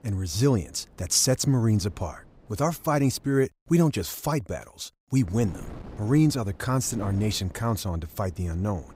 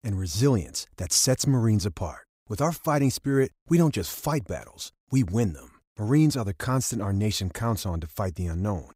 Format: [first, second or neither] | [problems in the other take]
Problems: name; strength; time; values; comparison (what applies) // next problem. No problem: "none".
second | wind noise on the microphone; occasional gusts; until 3.5 s and from 5 s on; 20 dB below the speech